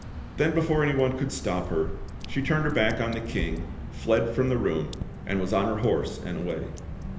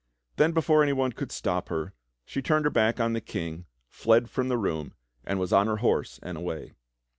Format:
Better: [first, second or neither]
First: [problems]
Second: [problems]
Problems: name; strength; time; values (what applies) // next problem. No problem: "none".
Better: second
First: background sound (Drip / Water); 8 dB below the speech // room echo; dies away in 1.4 s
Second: none